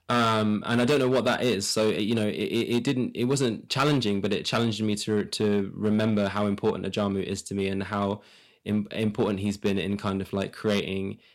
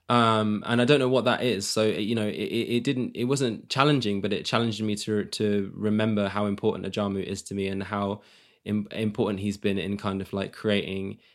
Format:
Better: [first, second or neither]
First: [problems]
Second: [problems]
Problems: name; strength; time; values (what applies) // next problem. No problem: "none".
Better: second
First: distortion; slight; 5% of the sound clipped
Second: none